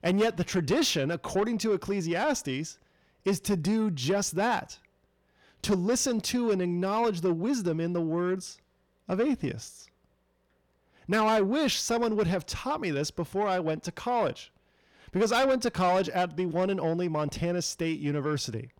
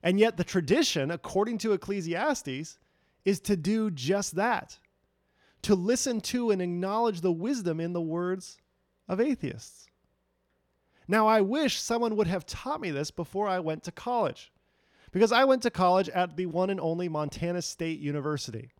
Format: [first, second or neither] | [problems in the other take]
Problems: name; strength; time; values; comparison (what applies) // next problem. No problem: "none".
second | distortion; slight; 10 dB below the speech